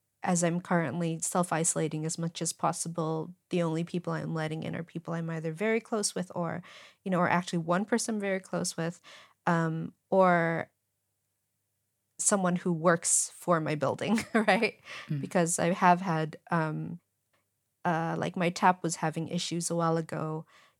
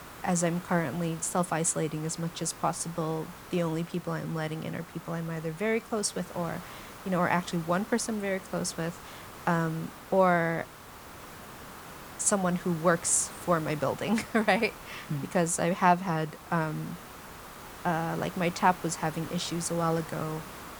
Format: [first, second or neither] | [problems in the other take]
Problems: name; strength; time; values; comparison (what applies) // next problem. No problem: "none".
first | hiss; noticeable; throughout; 15 dB below the speech